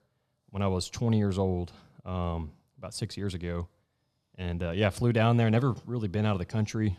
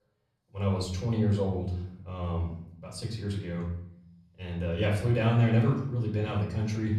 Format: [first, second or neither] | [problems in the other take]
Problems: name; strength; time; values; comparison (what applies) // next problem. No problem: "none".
first | off-mic speech; far // room echo; slight; dies away in 0.7 s